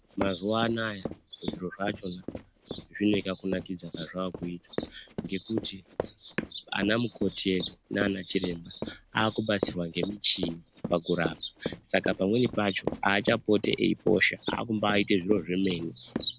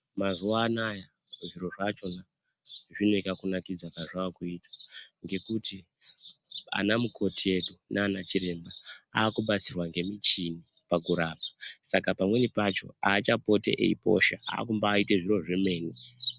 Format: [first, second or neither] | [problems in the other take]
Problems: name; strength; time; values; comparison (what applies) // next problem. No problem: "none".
second | background sound (Run); 9 dB below the speech